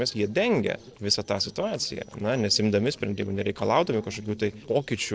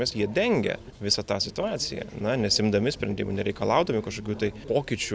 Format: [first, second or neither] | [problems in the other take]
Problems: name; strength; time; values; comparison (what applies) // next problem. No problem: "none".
second | noise reduction (neural separator model SepFormer DNS4)